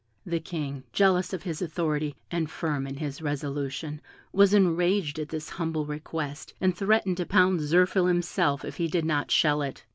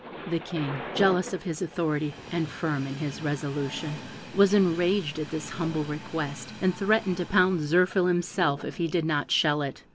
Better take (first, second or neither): first